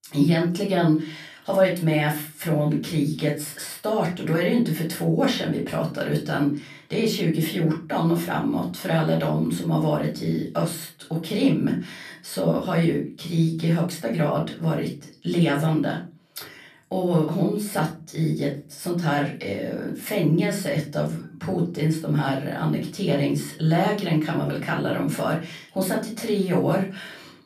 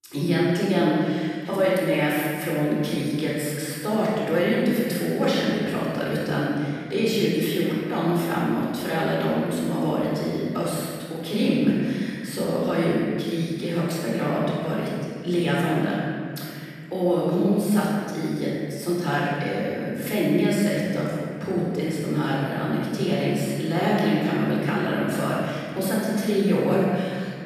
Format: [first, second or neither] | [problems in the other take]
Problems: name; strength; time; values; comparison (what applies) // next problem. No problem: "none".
first | room echo; strong; dies away in 2.2 s; slight in the first // off-mic speech; far; far in the first